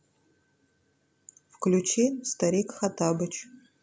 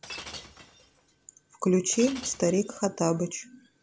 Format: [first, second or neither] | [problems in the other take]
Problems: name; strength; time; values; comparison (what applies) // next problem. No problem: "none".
first | background sound (Shatter); 17 dB below the speech